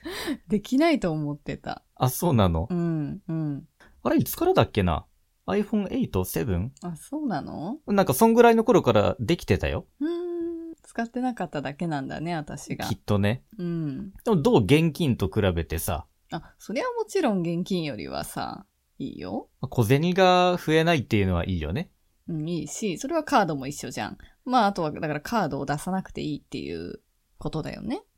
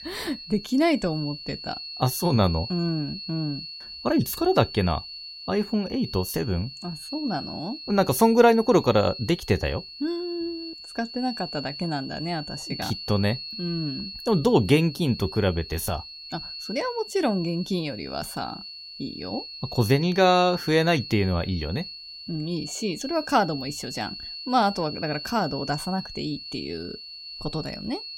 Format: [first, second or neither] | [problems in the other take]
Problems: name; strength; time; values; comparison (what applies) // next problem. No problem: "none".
first | high-pitched whine; noticeable; throughout; 4.5 kHz, 10 dB below the speech